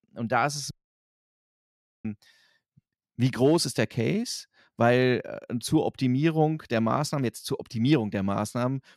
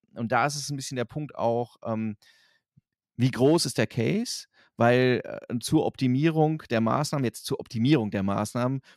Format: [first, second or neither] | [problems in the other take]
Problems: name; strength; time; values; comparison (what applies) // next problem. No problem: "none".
second | audio cutting out; at 0.5 s for 1.5 s